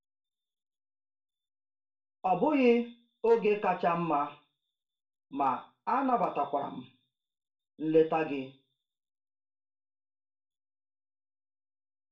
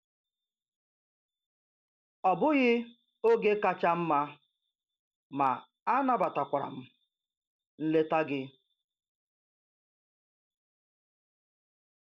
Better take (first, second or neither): second